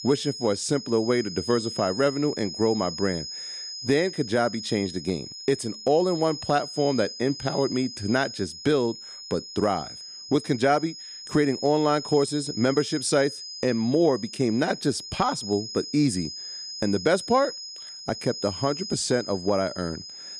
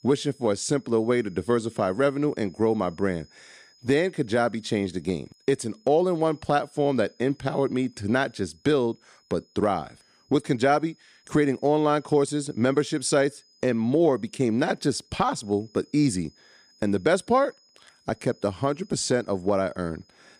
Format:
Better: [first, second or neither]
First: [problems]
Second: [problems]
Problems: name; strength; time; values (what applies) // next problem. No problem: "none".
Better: second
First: high-pitched whine; loud; throughout; 5 kHz, 10 dB below the speech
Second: high-pitched whine; faint; throughout; 5 kHz, 30 dB below the speech